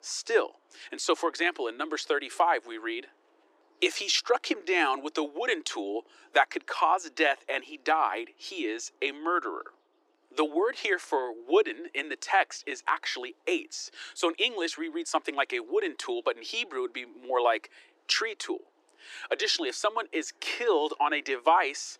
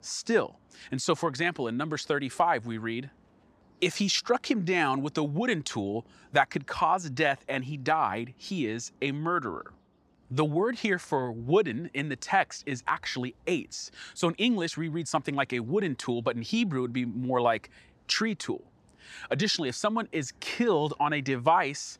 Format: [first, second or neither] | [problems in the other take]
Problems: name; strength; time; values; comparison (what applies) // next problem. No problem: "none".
second | thin; very; fading below 300 Hz